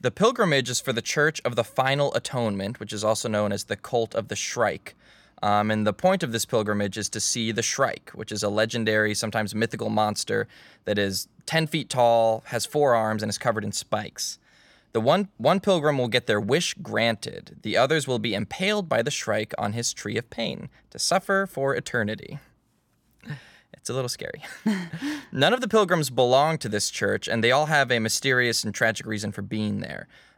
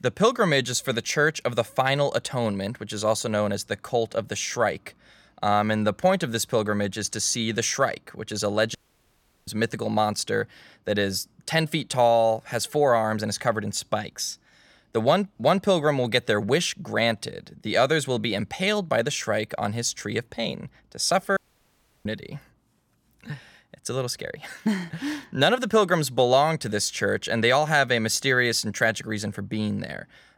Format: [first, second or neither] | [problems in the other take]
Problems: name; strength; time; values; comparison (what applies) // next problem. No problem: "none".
first | audio cutting out; at 9 s for 0.5 s and at 21 s for 0.5 s